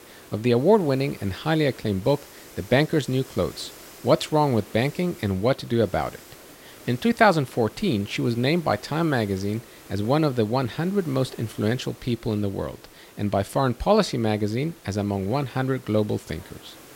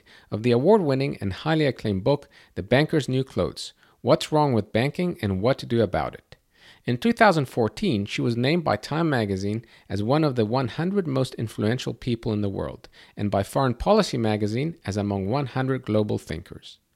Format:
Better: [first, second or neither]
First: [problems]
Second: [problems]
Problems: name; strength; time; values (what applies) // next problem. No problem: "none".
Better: second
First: hiss; faint; throughout; 20 dB below the speech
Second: none